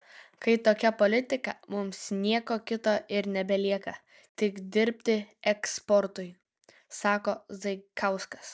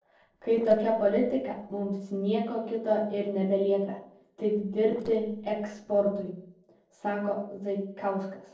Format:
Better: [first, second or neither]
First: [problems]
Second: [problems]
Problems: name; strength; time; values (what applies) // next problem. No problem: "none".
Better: first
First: none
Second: noise reduction (neural separator model SepFormer DNS4)